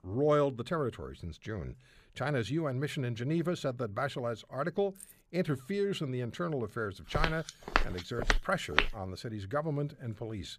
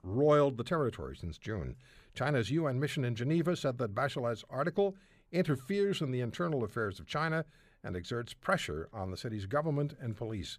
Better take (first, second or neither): second